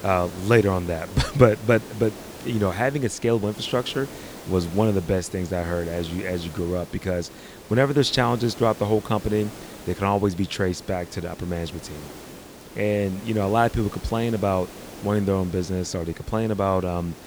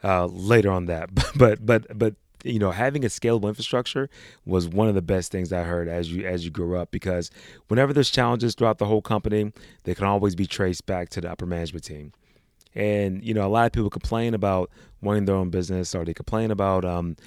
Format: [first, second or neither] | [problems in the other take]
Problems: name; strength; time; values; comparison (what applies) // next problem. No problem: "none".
second | hiss; noticeable; throughout; 15 dB below the speech